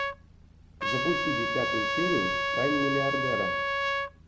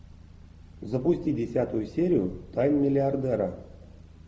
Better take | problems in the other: second | background sound (Trumpet); 3 dB above the speech

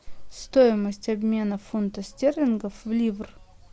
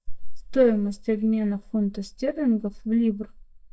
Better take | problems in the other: first | noise reduction (neural mask model DeepFilterNet 3)

